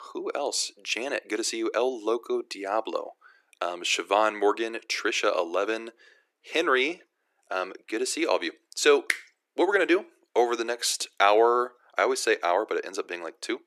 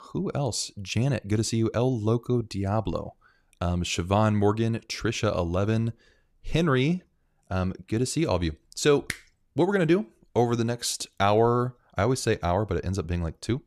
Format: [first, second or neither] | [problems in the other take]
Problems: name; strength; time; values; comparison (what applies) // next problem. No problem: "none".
second | thin; very; fading below 350 Hz